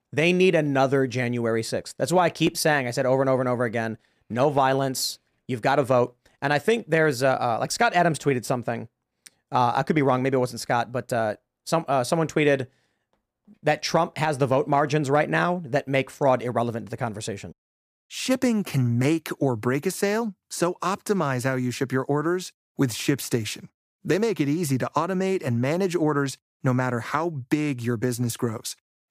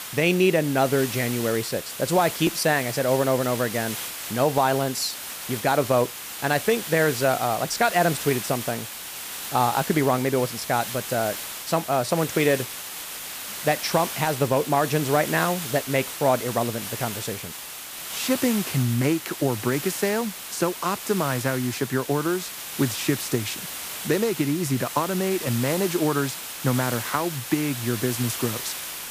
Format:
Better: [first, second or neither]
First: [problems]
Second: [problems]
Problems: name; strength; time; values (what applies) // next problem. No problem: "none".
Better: first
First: none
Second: hiss; loud; throughout; 7 dB below the speech